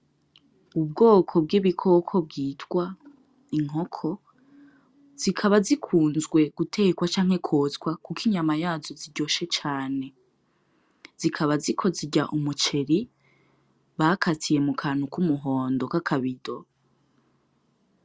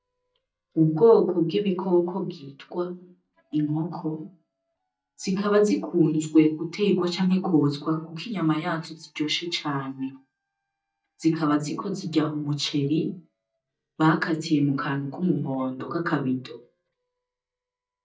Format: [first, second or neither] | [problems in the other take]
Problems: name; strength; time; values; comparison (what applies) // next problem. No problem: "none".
first | noise reduction (neural mask model DeepFilterNet 3)